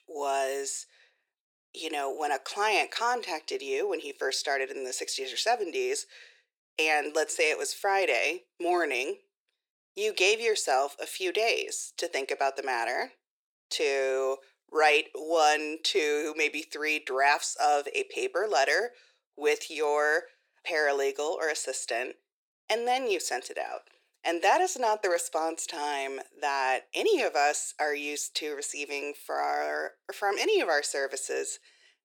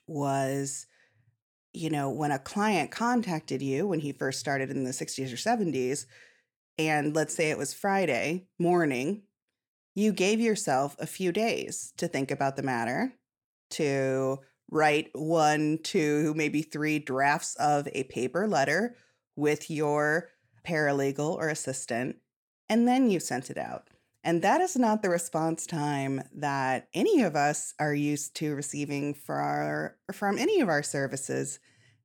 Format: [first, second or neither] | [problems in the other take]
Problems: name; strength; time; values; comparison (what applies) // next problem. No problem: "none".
second | thin; very; fading below 400 Hz